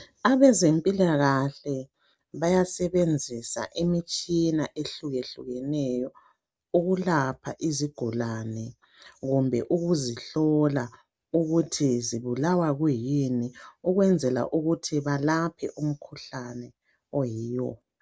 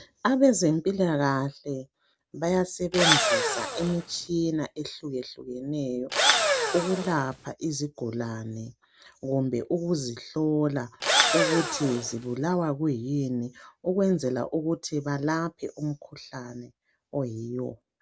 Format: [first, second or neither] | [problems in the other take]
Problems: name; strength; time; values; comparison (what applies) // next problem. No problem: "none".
first | background sound (Engine / Drill); 2 dB above the speech